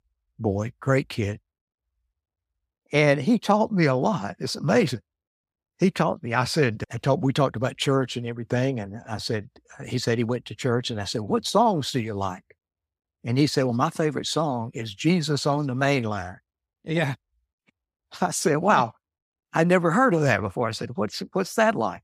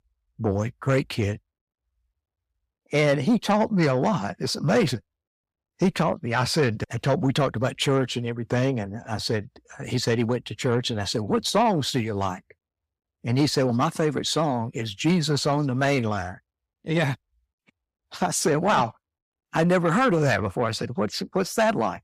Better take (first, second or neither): first